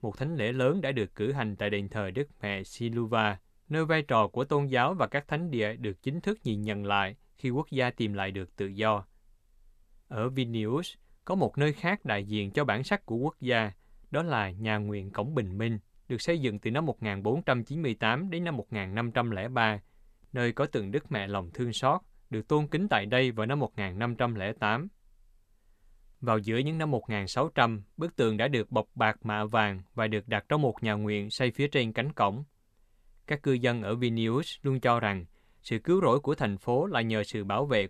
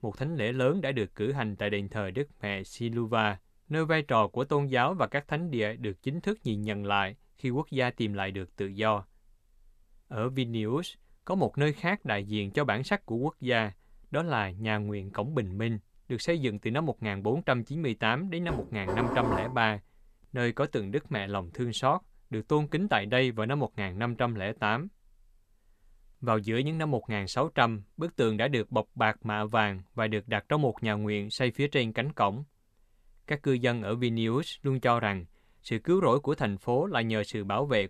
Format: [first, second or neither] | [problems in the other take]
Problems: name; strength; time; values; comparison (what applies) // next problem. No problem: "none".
first | clattering dishes; noticeable; from 18 to 20 s; peak 1 dB below the speech